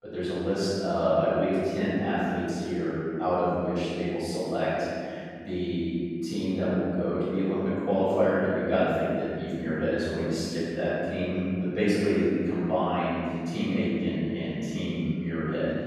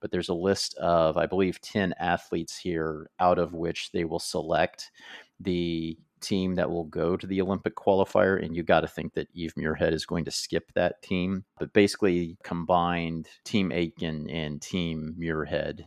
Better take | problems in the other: second | room echo; strong; dies away in 2.6 s // off-mic speech; far

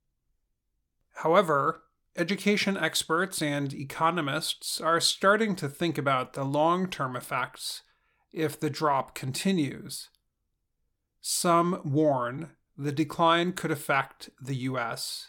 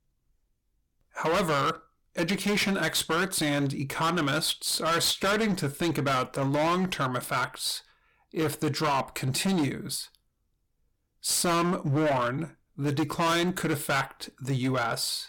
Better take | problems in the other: first | distortion; heavy; 16% of the sound clipped

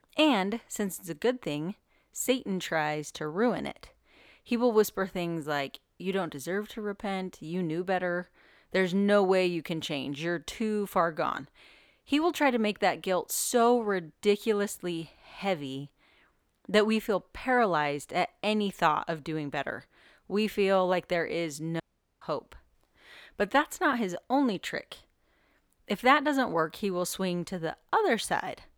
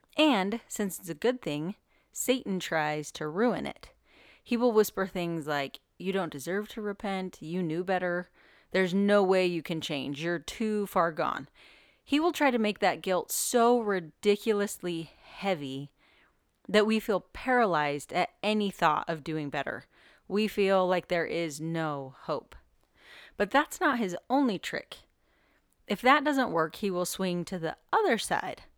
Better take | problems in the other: second | audio cutting out; at 22 s

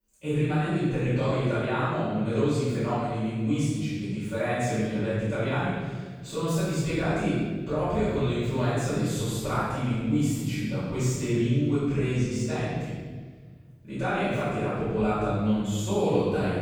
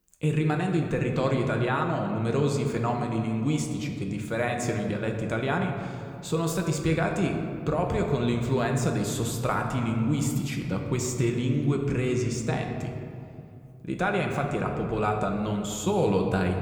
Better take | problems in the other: second | room echo; strong; dies away in 1.4 s; slight in the second // off-mic speech; far

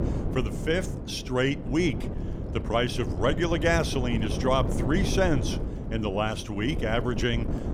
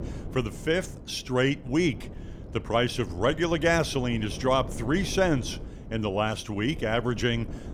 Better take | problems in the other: second | wind noise on the microphone; heavy; 10 dB below the speech; occasional gusts in the second

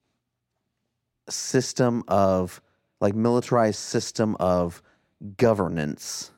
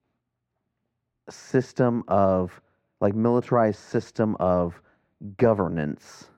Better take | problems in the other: first | muffled; very; fading above 3.5 kHz

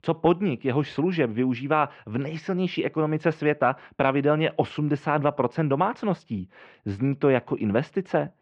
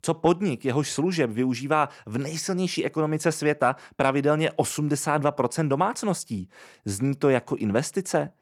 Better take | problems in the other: second | muffled; very; fading above 3 kHz

